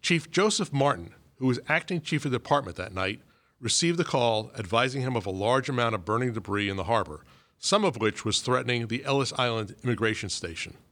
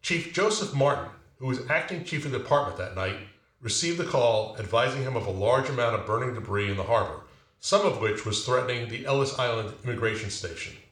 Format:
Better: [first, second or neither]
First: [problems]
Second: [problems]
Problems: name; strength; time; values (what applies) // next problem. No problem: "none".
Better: first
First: none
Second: room echo; slight; dies away in 0.5 s